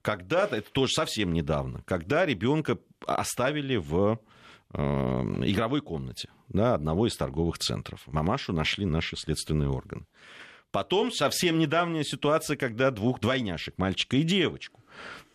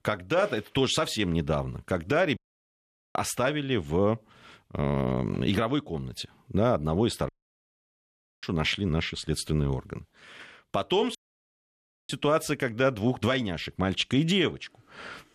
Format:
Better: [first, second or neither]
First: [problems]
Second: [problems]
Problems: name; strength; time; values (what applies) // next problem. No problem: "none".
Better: first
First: none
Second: audio cutting out; at 2.5 s for 1 s, at 7.5 s for 1 s and at 11 s for 1 s